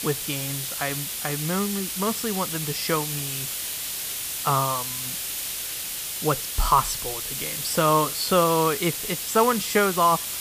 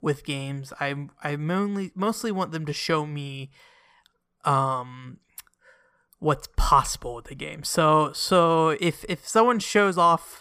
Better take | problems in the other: second | hiss; loud; throughout; 3 dB below the speech

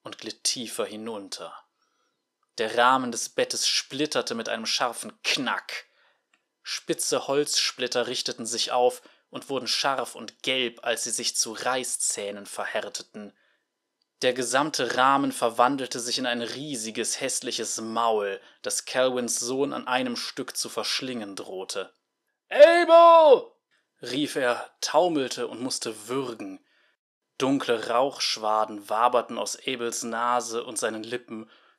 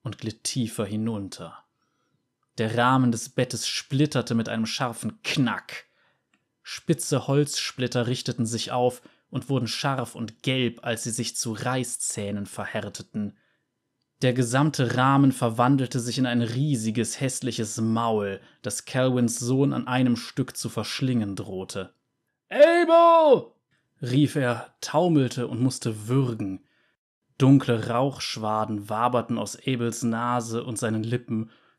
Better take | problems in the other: second | thin; somewhat; fading below 500 Hz

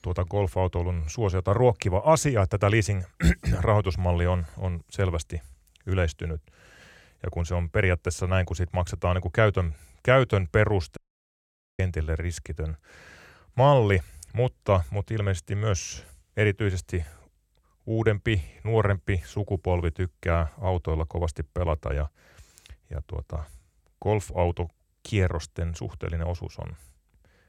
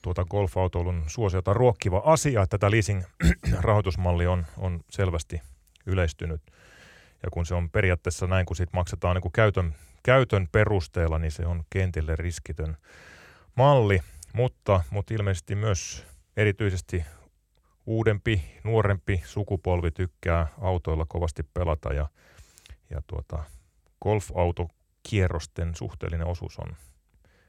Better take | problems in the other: second | audio cutting out; at 11 s for 1 s

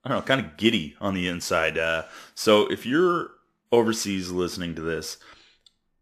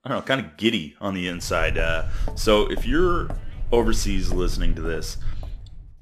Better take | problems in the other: first | footsteps; noticeable; from 1.5 s on; peak 5 dB below the speech

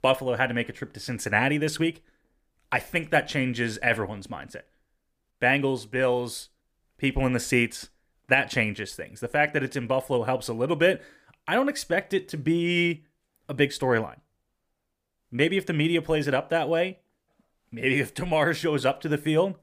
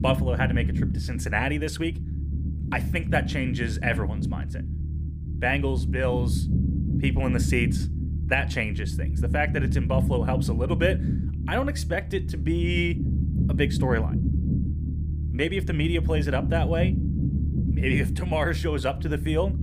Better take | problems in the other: first | low rumble; noticeable; throughout; 10 dB below the speech

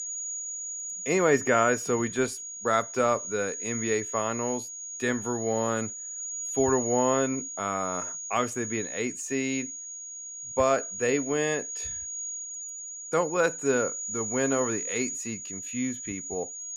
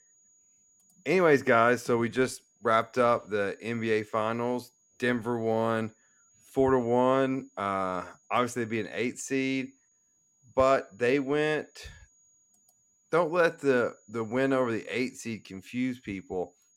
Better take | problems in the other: second | high-pitched whine; loud; throughout; 6.5 kHz, 5 dB below the speech; faint in the second

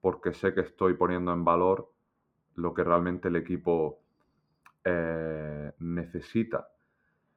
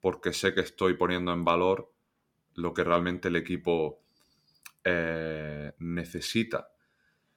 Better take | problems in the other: second | muffled; very; fading above 2.5 kHz

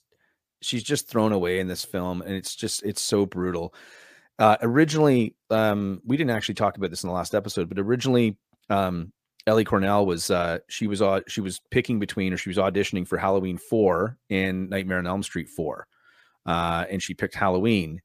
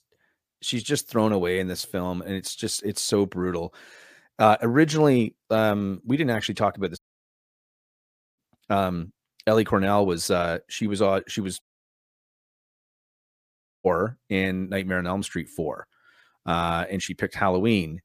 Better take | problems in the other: first | audio cutting out; at 7 s for 1.5 s and at 12 s for 2 s

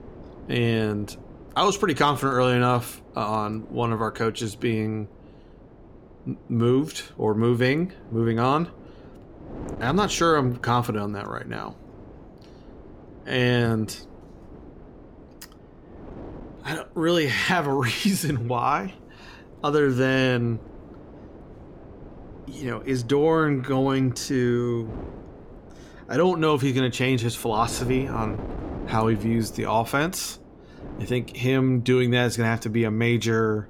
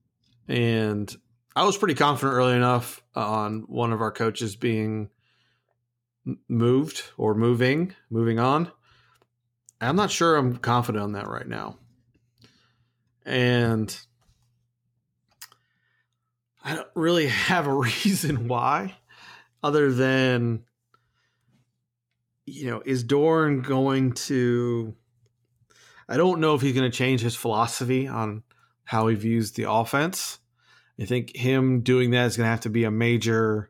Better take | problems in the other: second | wind noise on the microphone; occasional gusts; 20 dB below the speech

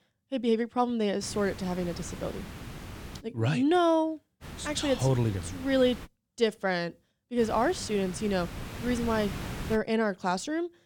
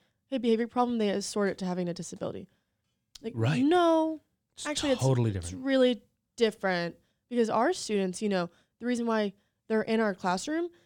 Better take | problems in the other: second | hiss; noticeable; from 1 to 3 s, from 4.5 to 6 s and from 7.5 to 10 s; 10 dB below the speech

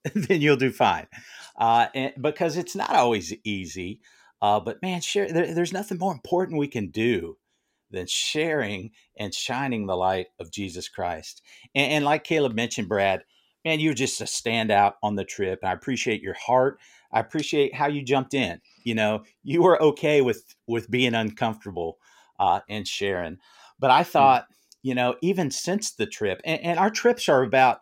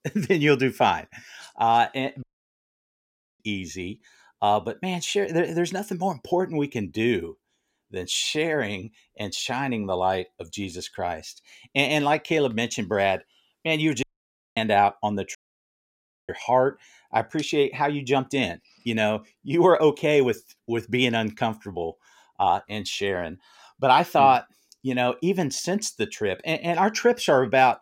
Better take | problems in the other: first | audio cutting out; at 2 s for 1 s, at 14 s for 0.5 s and at 15 s for 1 s

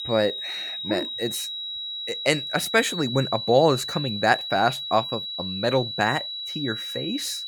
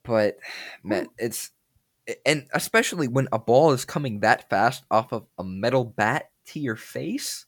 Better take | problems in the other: second | high-pitched whine; loud; throughout; 4 kHz, 5 dB below the speech

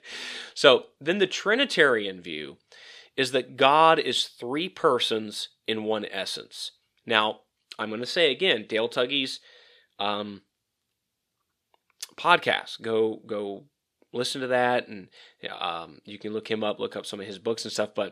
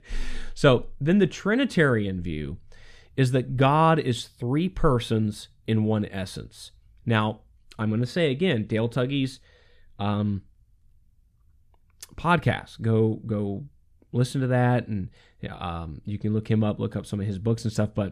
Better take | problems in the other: second | thin; very; fading below 450 Hz

